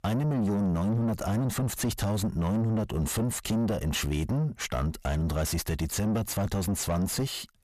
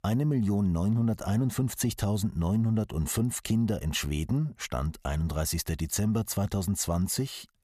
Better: second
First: distortion; heavy; 6 dB below the speech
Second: none

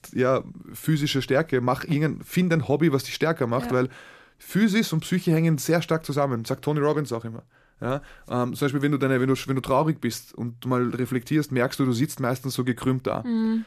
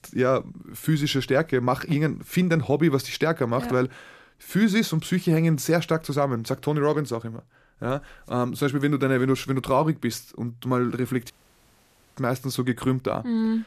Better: first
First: none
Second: audio cutting out; at 11 s for 1 s

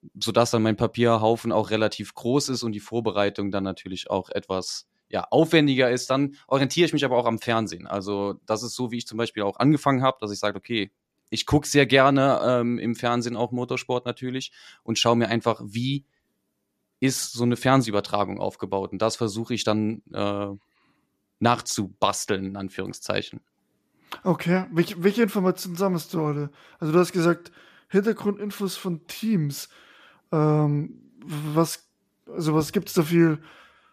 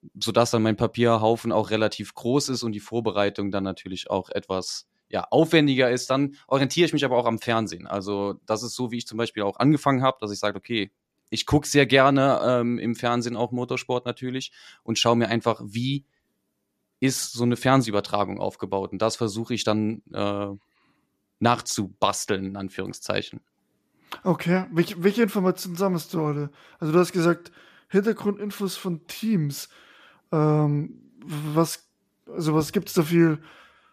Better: neither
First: none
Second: none

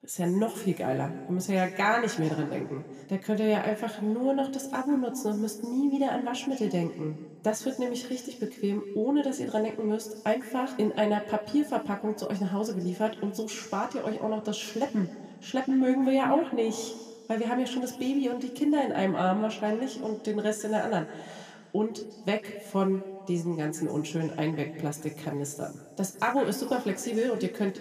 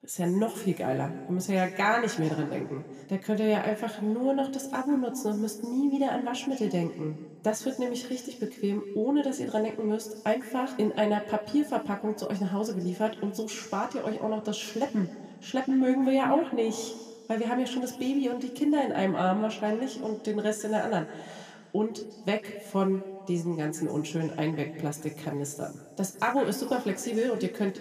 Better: neither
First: room echo; slight; dies away in 1.6 s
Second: room echo; slight; dies away in 1.6 s

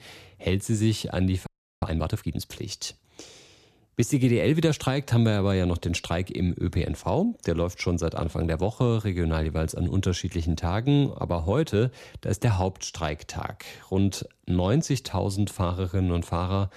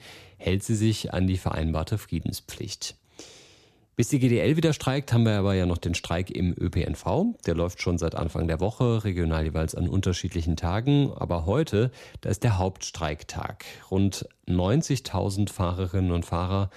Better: second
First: audio freezing; at 1.5 s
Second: none

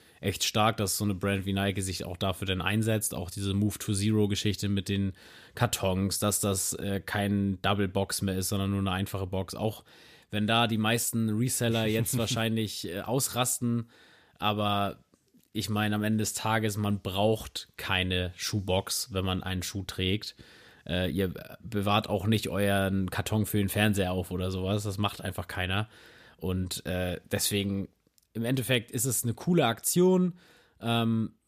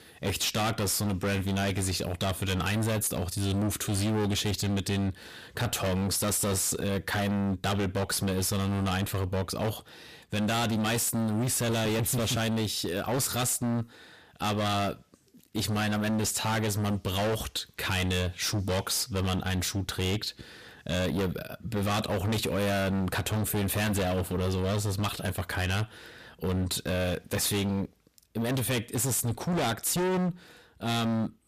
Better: first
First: none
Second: distortion; heavy; 30% of the sound clipped

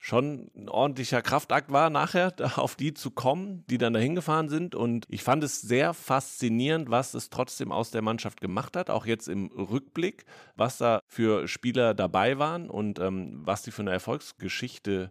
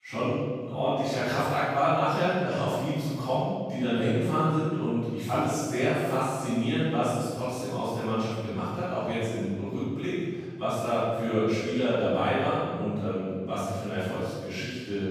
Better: first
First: none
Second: off-mic speech; far // room echo; strong; dies away in 1.8 s

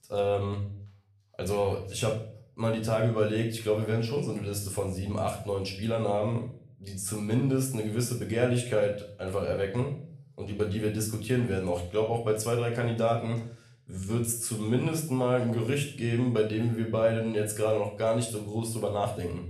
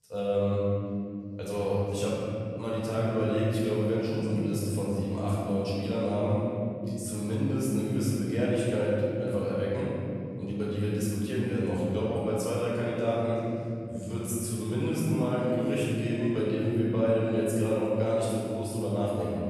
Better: first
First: room echo; slight; dies away in 0.5 s // off-mic speech; somewhat distant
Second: room echo; strong; dies away in 3 s // off-mic speech; far

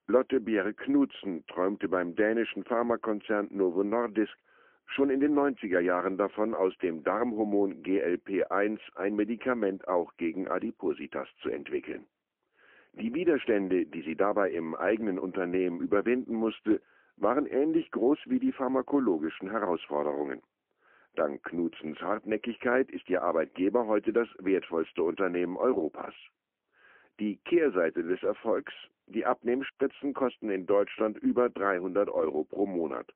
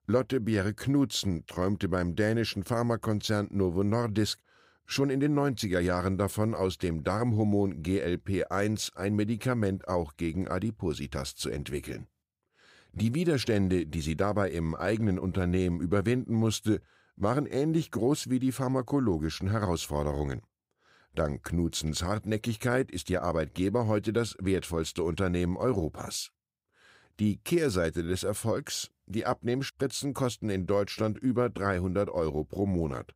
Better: second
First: phone-call audio; poor line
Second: none

